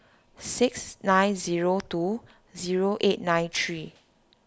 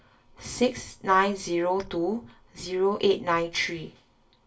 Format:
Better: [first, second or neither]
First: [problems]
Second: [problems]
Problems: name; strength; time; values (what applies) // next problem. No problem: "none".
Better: first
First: none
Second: room echo; dies away in 0.2 s